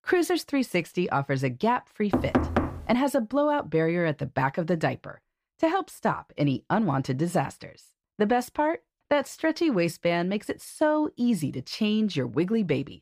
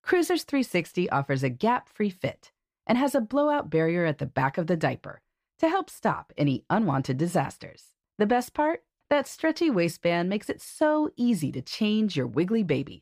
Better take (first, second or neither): second